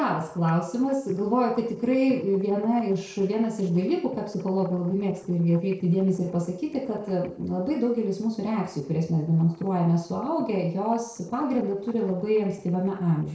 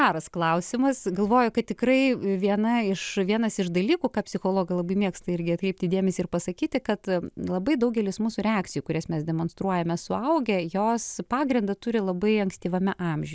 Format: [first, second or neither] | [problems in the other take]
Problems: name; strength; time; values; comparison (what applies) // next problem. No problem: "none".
second | noise reduction (neural separator model SepFormer DNS4)